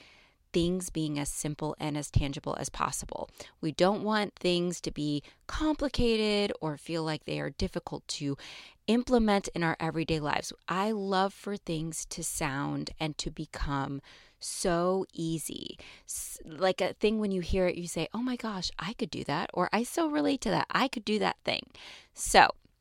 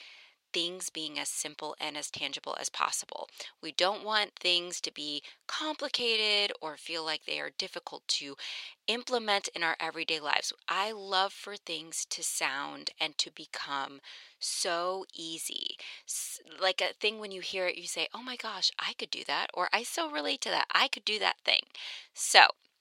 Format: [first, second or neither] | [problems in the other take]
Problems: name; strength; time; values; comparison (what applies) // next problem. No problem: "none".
first | thin; very; fading below 550 Hz